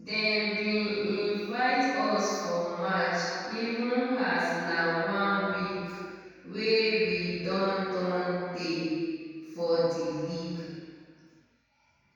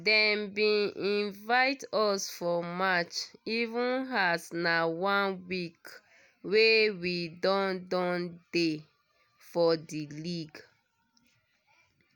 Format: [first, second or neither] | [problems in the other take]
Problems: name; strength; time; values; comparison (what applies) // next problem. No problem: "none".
second | room echo; dies away in 2.1 s